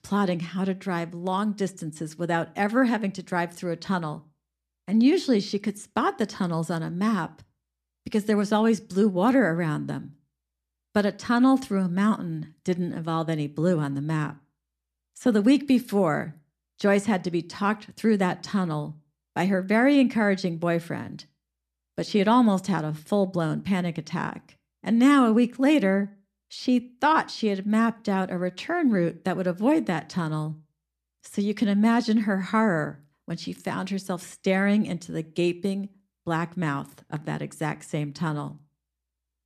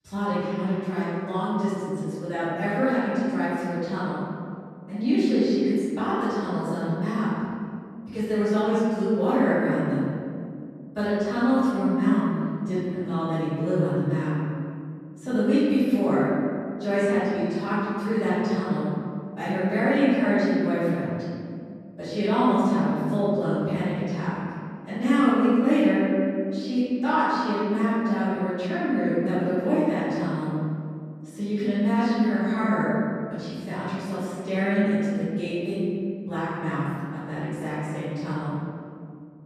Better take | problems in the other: first | off-mic speech; far // room echo; strong; dies away in 2.3 s

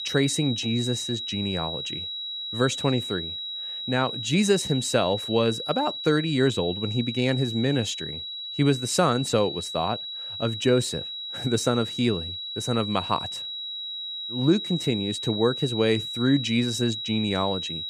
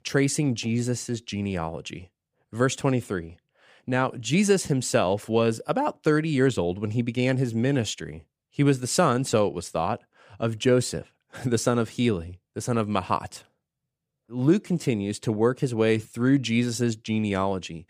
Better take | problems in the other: second | high-pitched whine; loud; throughout; 4 kHz, 5 dB below the speech

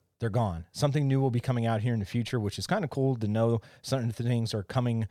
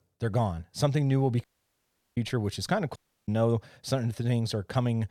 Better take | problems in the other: first | audio cutting out; at 1.5 s for 0.5 s and at 3 s

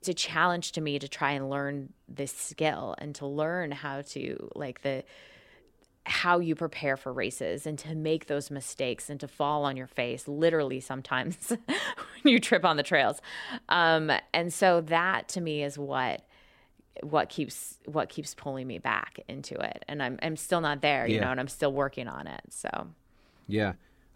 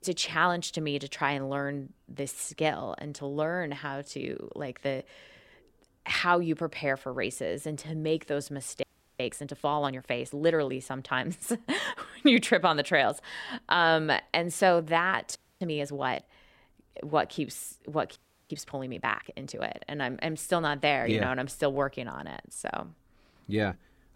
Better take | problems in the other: first | audio freezing; at 9 s, at 15 s and at 18 s

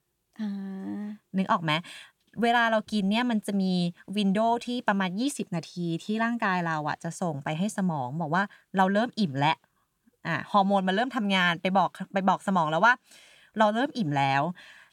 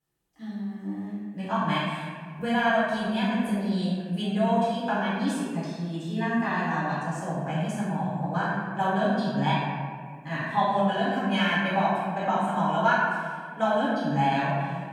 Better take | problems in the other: first | room echo; strong; dies away in 1.8 s // off-mic speech; far

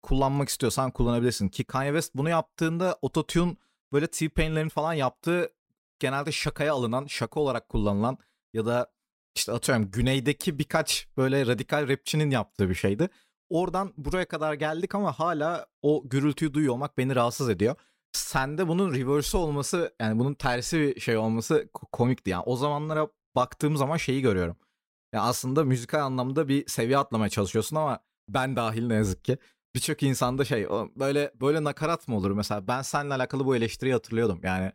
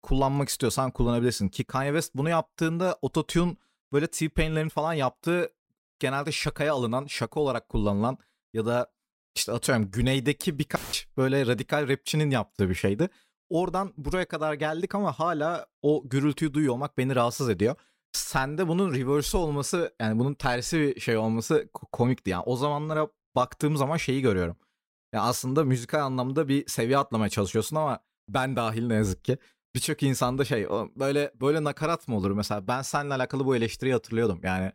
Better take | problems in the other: first | audio cutting out; filled with static; at 11 s

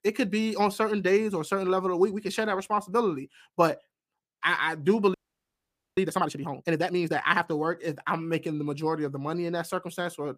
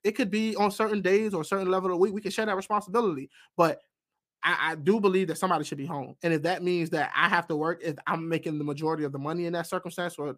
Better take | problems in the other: second | audio freezing; at 5 s for 1 s

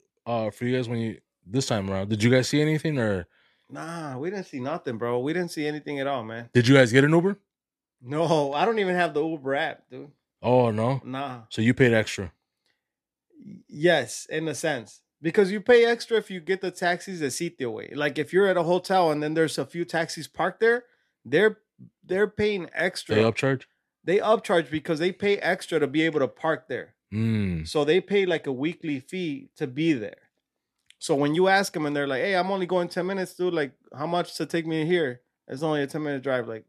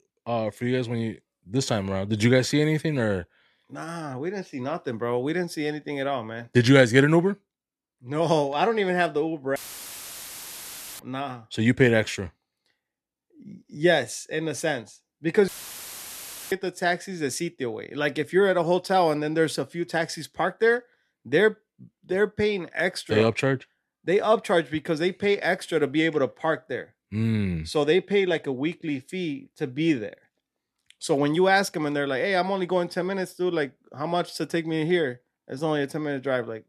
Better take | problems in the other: first | audio cutting out; filled with static; at 9.5 s for 1.5 s and at 15 s for 1 s

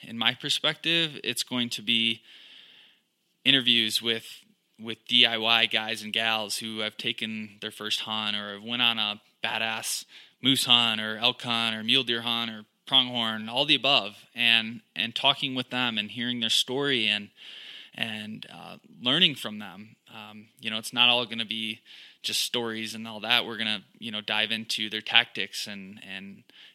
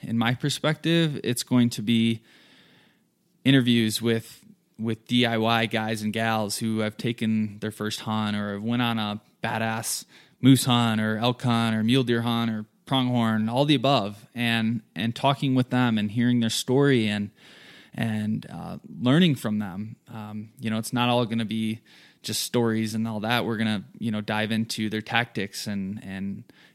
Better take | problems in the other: second | thin; very slightly; fading below 500 Hz

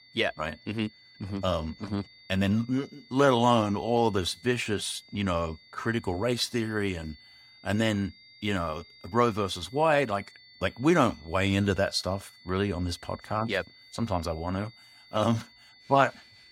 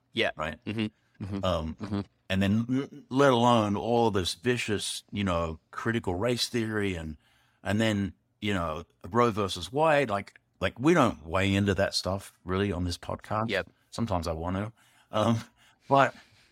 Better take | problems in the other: second | high-pitched whine; faint; throughout; 4.5 kHz, 25 dB below the speech

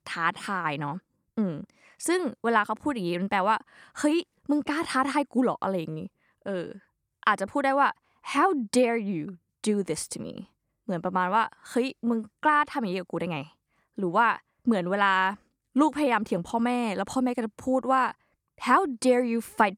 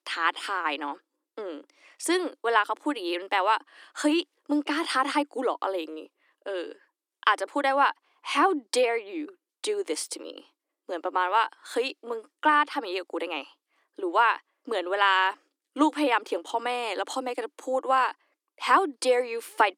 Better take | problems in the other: first | thin; somewhat; fading below 300 Hz

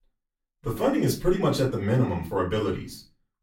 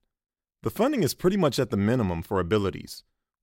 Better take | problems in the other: second | off-mic speech; far // room echo; very slight; dies away in 0.3 s

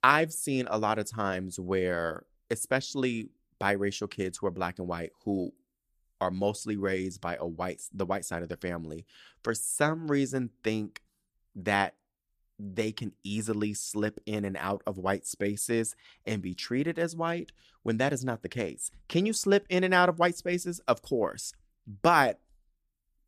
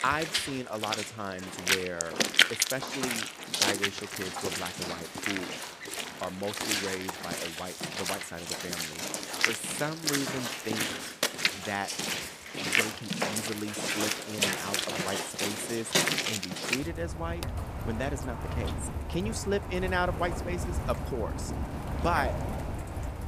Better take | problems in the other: first | rain or running water; very loud; throughout; 5 dB above the speech

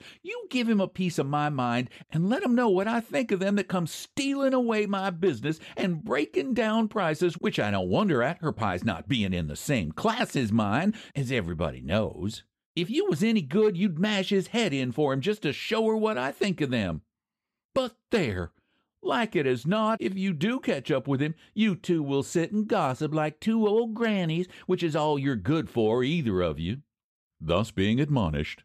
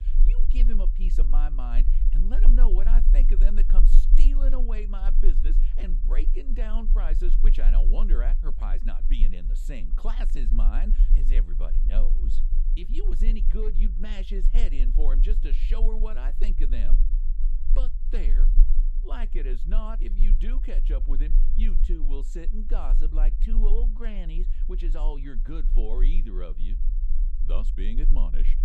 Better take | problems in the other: first | low rumble; noticeable; throughout; 10 dB below the speech

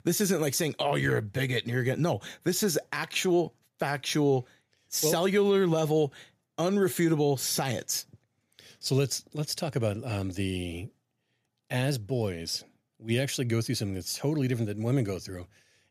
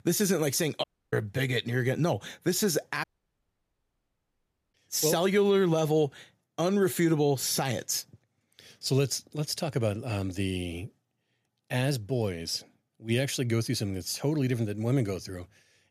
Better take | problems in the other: first | audio cutting out; at 1 s and at 3 s for 1.5 s

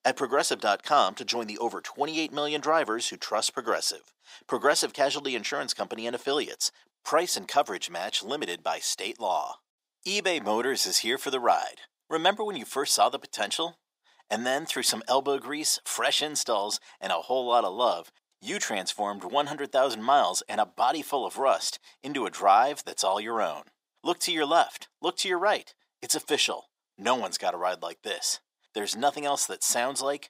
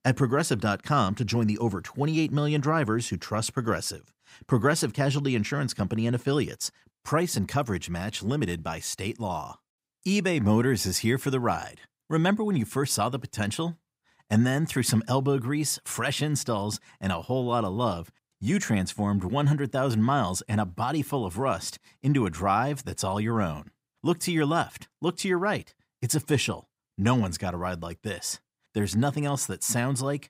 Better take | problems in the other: second | thin; very; fading below 400 Hz

